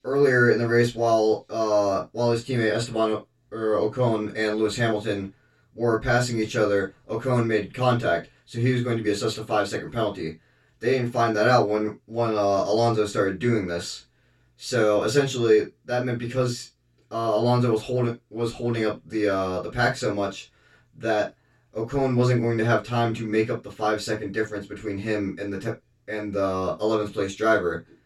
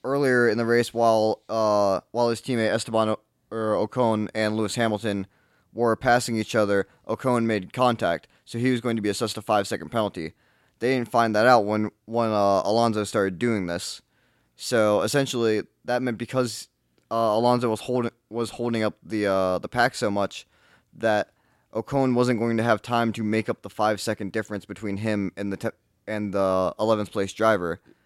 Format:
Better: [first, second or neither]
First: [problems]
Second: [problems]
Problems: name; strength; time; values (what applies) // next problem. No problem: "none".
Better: second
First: room echo; very slight; dies away in 0.1 s // off-mic speech; far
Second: none